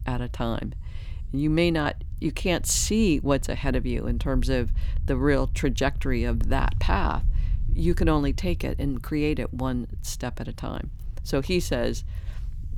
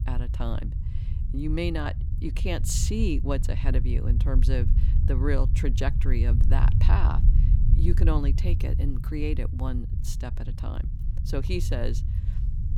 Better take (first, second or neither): first